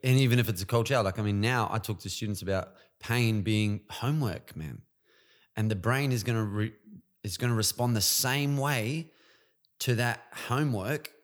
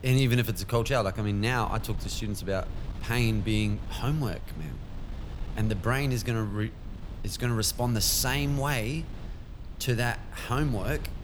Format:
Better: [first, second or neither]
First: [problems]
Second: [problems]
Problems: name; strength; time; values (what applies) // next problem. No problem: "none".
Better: first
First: none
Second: wind noise on the microphone; occasional gusts; 20 dB below the speech